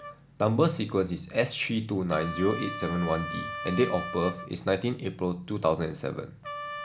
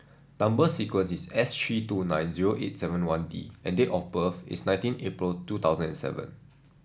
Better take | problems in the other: second | background sound (Trumpet); 11 dB below the speech

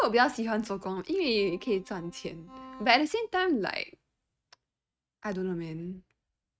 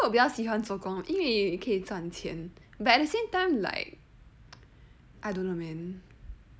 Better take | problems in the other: second | noise reduction (neural mask model RNNoise)

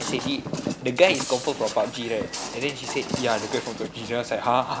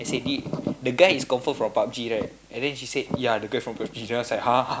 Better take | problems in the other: second | background sound (Walk, footsteps); 10 dB below the speech

